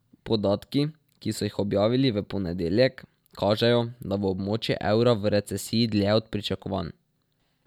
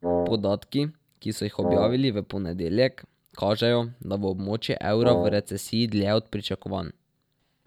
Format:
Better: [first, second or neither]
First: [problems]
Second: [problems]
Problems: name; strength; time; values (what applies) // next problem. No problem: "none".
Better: first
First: none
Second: background sound (Wind instrument, woodwind instrument); 1 dB below the speech